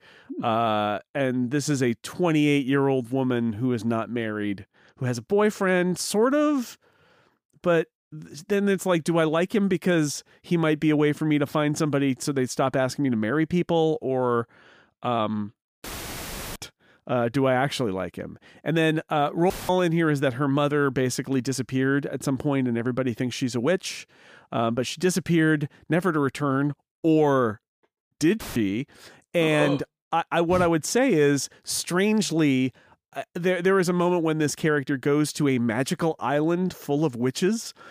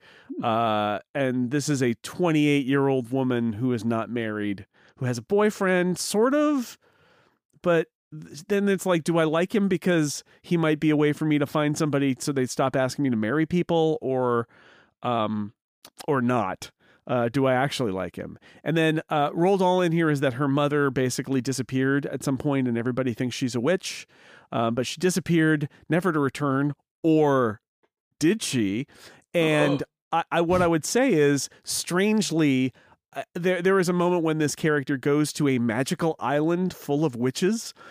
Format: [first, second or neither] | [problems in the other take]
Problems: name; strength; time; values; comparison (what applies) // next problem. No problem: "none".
second | audio cutting out; filled with static; at 16 s for 0.5 s, at 20 s and at 28 s